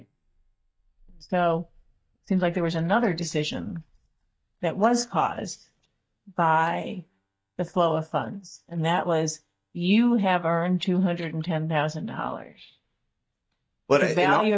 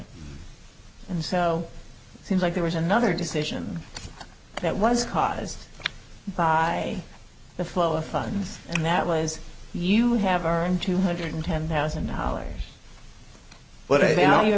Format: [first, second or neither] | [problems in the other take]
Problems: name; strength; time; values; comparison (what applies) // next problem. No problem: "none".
second | noise reduction (neural mask model DeepFilterNet 3)